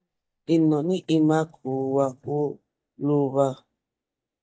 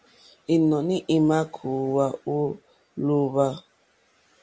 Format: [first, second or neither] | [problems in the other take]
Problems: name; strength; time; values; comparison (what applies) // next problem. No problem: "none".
second | noise reduction (neural mask model DeepFilterNet 3)